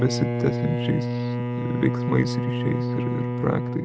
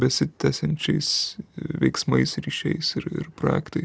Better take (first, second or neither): second